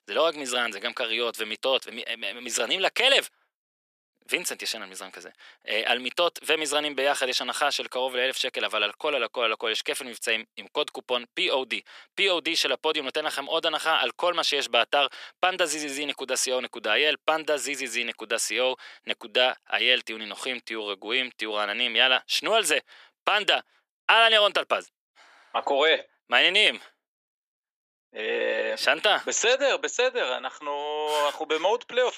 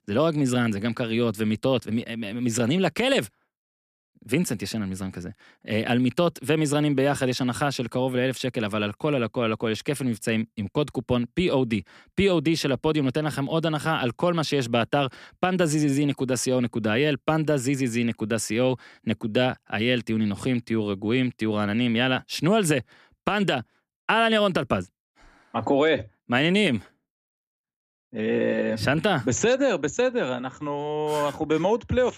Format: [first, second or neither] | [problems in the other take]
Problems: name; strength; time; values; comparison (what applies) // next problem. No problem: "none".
second | thin; very; fading below 500 Hz